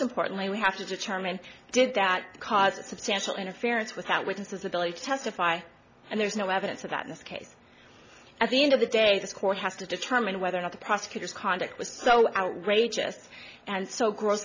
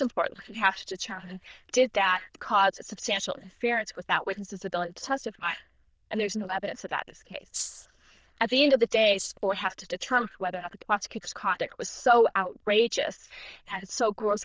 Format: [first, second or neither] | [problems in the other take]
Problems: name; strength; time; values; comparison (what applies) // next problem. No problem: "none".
first | noise reduction (neural diffusion model UNIVERSE++)